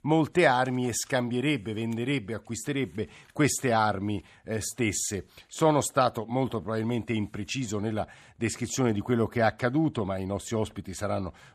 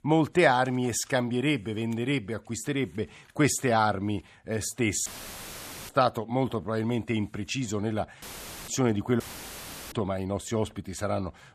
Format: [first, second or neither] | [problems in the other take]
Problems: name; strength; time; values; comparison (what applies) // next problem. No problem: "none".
first | audio cutting out; filled with static; at 5 s for 1 s, at 8 s and at 9 s for 0.5 s